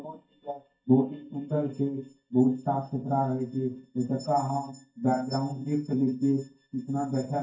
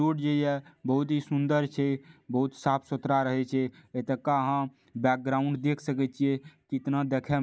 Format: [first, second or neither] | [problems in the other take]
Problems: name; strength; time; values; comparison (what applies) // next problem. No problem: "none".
second | noise reduction (neural mask model DeepFilterNet 3)